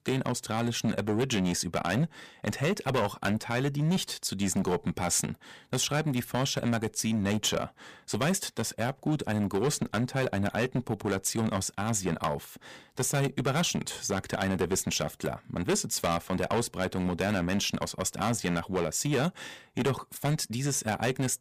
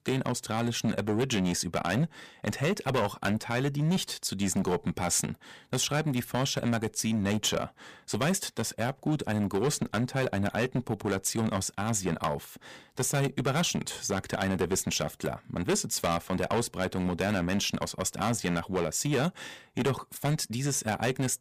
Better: neither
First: distortion; heavy; 8% of the sound clipped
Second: distortion; heavy; 8% of the sound clipped

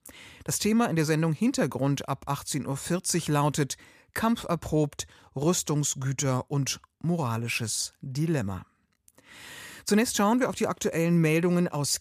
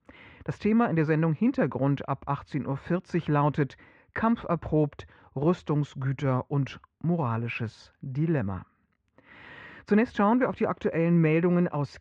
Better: first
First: none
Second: muffled; very; fading above 2 kHz

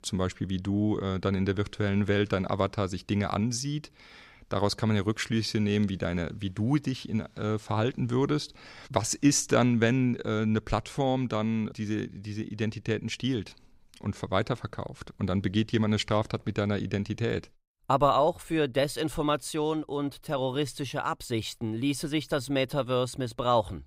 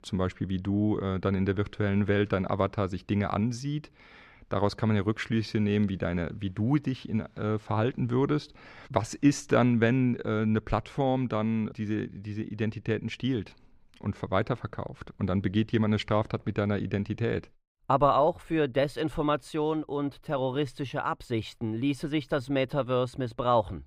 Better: first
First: none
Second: muffled; slightly; fading above 4 kHz

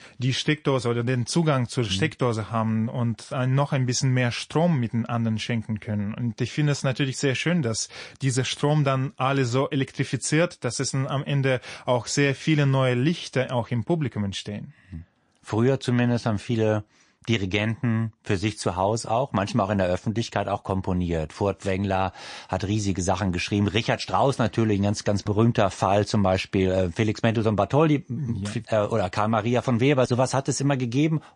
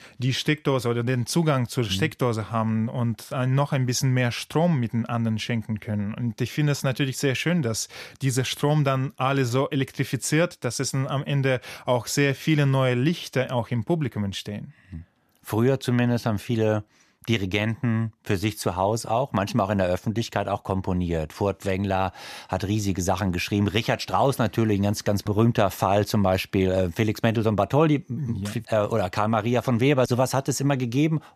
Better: second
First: garbled, watery; slightly; nothing above 9 kHz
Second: none

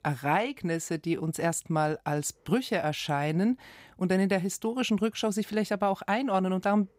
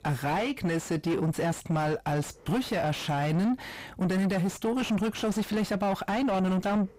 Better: first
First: none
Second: distortion; heavy; 6 dB below the speech

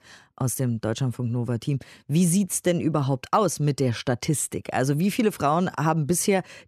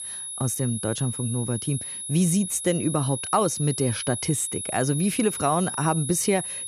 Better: first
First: none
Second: high-pitched whine; loud; throughout; 10.5 kHz, 5 dB below the speech

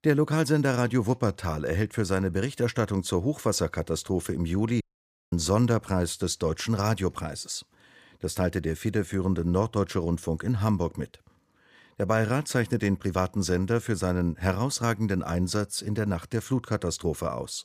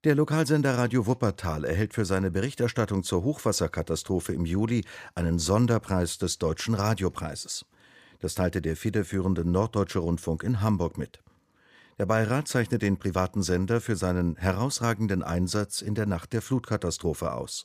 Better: second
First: audio cutting out; at 5 s for 0.5 s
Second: none

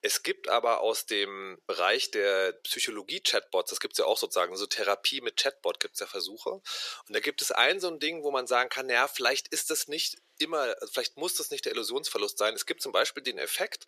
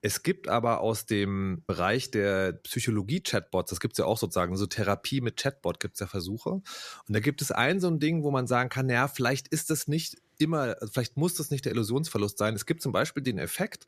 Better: second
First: thin; very; fading below 450 Hz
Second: none

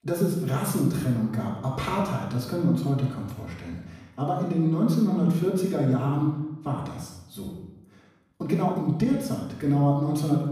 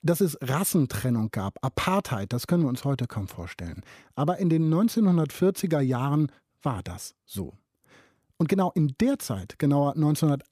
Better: second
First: off-mic speech; far // room echo; noticeable; dies away in 0.8 s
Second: none

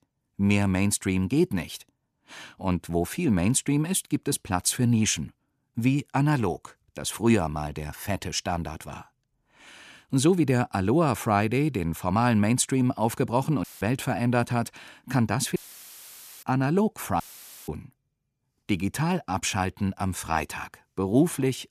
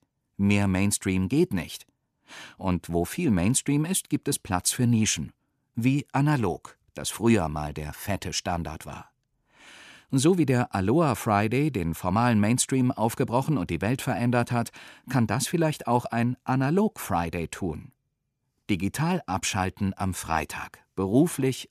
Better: second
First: audio cutting out; filled with static; at 14 s, at 16 s for 1 s and at 17 s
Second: none

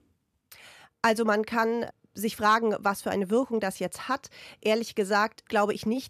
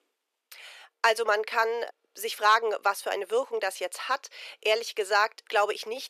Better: first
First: none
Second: thin; very; fading below 400 Hz

